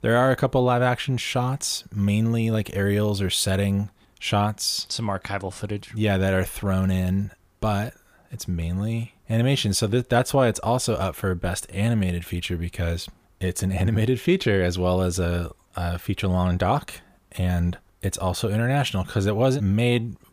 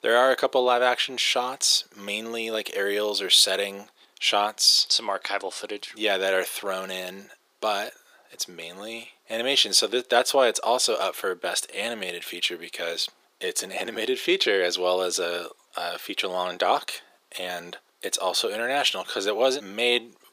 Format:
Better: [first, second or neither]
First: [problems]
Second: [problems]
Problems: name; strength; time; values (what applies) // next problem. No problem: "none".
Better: first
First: none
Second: thin; very; fading below 350 Hz